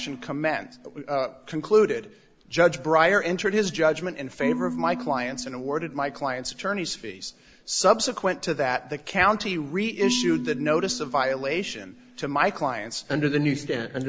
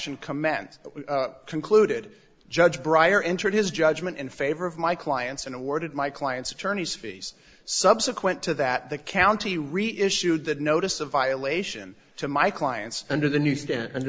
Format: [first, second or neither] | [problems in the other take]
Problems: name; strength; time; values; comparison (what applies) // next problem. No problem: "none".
second | background sound (Marimba, xylophone / Wood); 13 dB below the speech